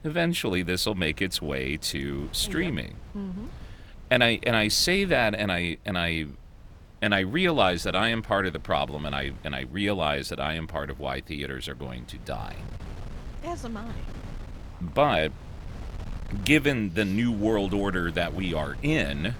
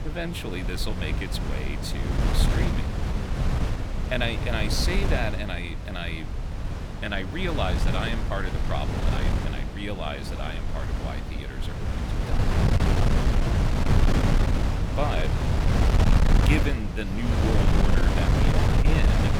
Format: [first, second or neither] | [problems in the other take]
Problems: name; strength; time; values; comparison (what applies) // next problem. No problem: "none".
first | wind noise on the microphone; heavy; as loud as the speech; occasional gusts in the first